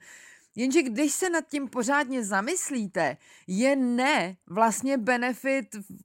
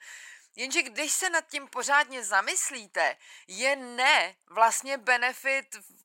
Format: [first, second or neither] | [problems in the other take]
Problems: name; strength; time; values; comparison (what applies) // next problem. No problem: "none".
first | thin; very; fading below 850 Hz